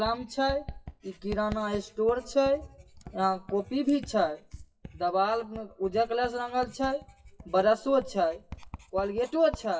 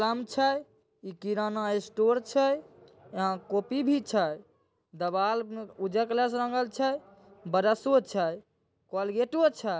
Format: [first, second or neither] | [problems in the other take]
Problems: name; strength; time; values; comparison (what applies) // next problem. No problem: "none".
second | noise reduction (classical method WPE with log-MMSE)